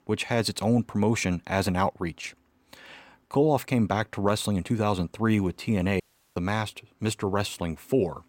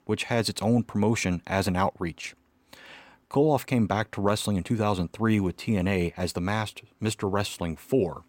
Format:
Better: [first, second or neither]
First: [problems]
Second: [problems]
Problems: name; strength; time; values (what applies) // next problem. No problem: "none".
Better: second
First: audio cutting out; at 6 s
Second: none